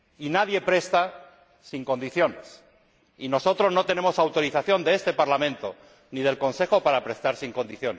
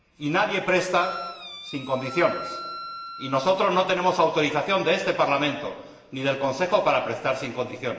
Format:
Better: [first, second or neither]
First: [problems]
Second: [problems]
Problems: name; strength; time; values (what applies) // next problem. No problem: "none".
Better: first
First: none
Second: background sound (Wind instrument, woodwind instrument); 12 dB below the speech // room echo; dies away in 1.2 s